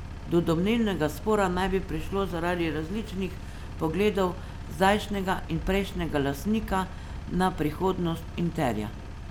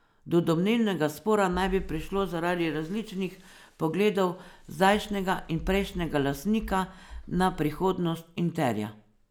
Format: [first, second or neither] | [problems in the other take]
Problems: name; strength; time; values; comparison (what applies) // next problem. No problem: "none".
second | background sound (Engine); 10 dB below the speech